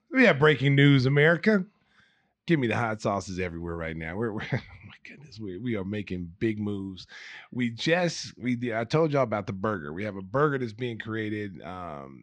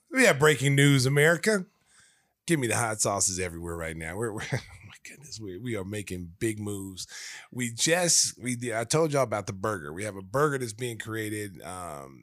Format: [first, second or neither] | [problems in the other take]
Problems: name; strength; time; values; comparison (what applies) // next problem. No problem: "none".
second | muffled; slightly; fading above 4 kHz